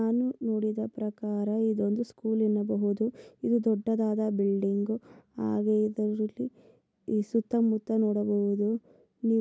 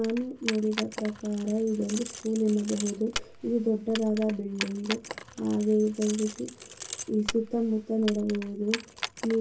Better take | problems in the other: first | background sound (Keys jangling); 11 dB below the speech // room echo; dies away in 0.2 s

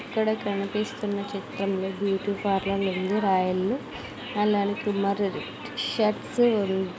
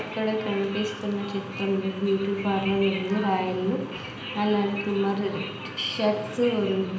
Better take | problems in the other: first | room echo; dies away in 0.8 s

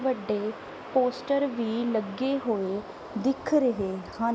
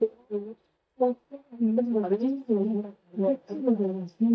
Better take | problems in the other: first | noise reduction (neural mask model DeepFilterNet 3)

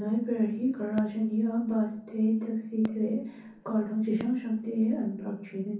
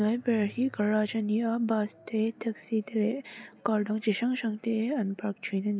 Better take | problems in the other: second | background sound (Fireworks); 20 dB below the speech // room echo; dies away in 0.6 s

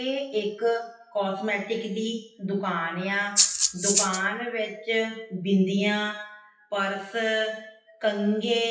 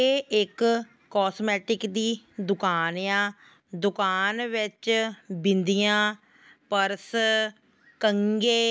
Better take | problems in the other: second | noise reduction (classical method WPE with log-MMSE)

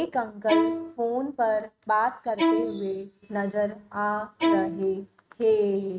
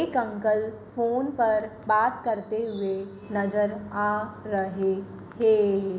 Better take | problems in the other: second | noise reduction (neural mask model RNNoise)

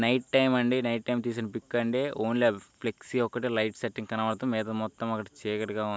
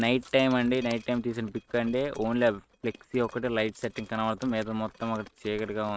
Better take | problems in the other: first | noise reduction (neural mask model RNNoise)

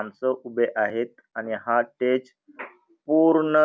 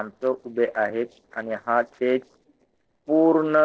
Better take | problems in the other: first | noise reduction (neural separator model SepFormer DNS4)

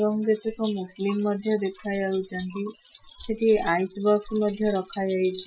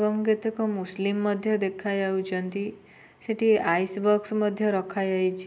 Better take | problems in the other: second | noise reduction (classical method Wiener filter)

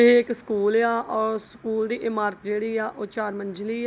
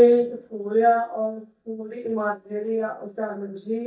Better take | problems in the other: first | noise reduction (neural mask model DeepFilterNet 3)

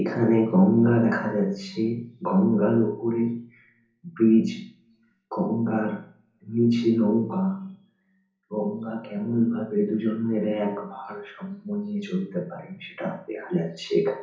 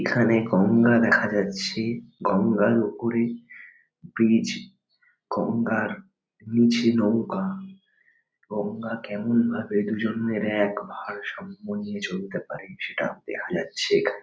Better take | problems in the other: second | room echo; dies away in 0.7 s

